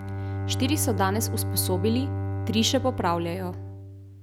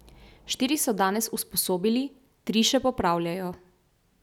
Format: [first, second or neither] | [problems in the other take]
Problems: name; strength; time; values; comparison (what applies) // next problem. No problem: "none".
second | background sound (Bowed string instrument); 2 dB below the speech